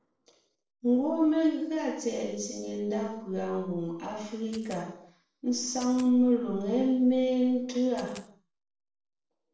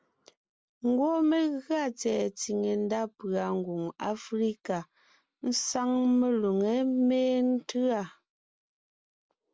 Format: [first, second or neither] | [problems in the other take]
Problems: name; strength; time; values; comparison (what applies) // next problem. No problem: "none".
second | noise reduction (neural separator model SepFormer DNS4)